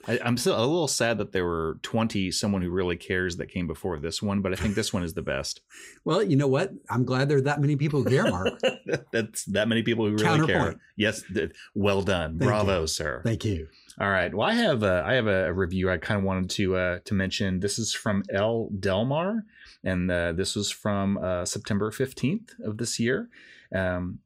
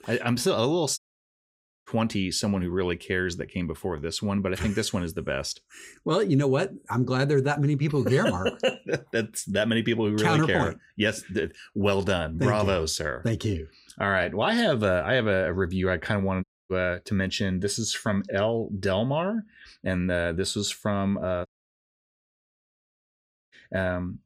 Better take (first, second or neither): first